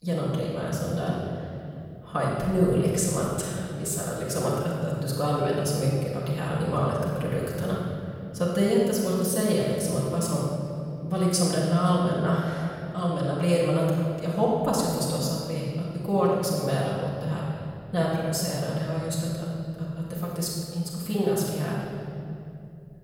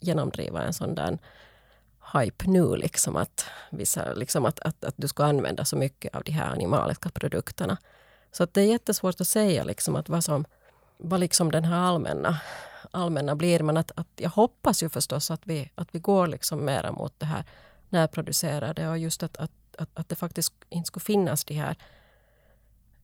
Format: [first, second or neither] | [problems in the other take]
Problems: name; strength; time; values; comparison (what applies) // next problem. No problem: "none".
second | off-mic speech; far // room echo; strong; dies away in 2.7 s